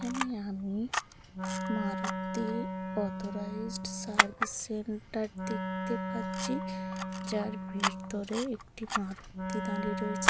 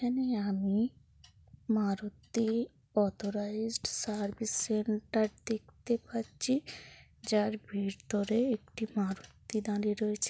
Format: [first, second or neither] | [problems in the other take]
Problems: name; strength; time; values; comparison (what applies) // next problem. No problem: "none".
second | background sound (Camera + Wind instrument, woodwind instrument); 3 dB above the speech